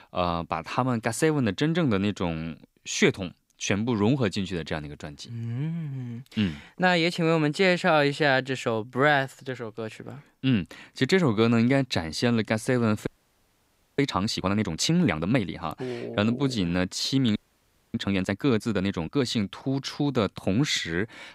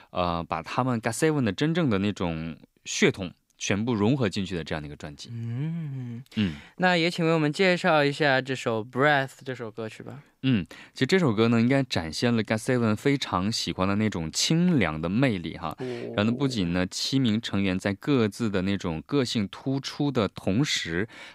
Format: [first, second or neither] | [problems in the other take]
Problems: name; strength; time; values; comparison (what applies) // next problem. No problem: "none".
second | audio freezing; at 13 s for 1 s and at 17 s for 0.5 s